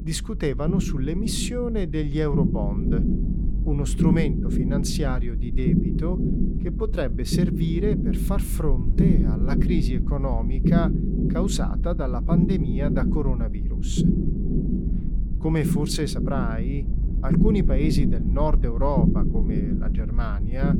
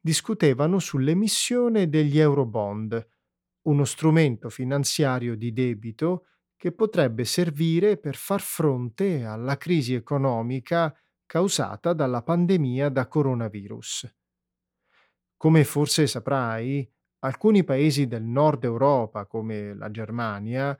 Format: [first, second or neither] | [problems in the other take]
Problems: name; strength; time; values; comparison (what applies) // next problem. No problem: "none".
second | low rumble; loud; throughout; 2 dB below the speech